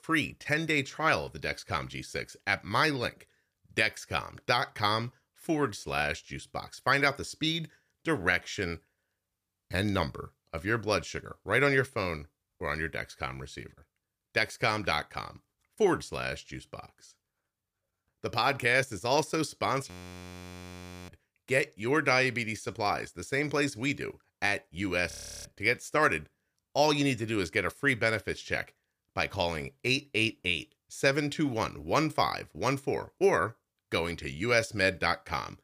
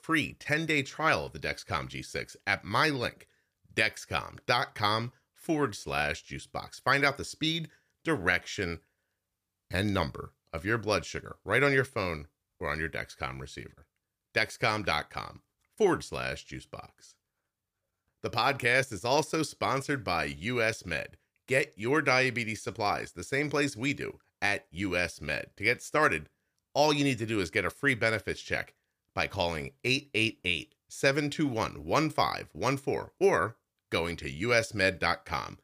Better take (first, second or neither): second